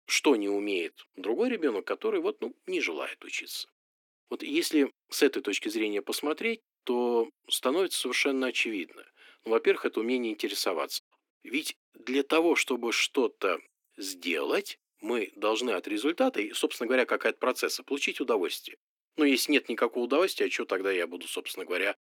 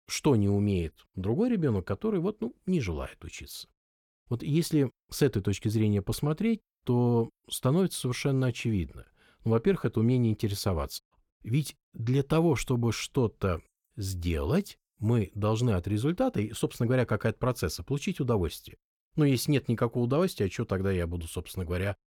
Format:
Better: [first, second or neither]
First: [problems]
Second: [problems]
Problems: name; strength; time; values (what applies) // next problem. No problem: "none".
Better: second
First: thin; somewhat; fading below 250 Hz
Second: none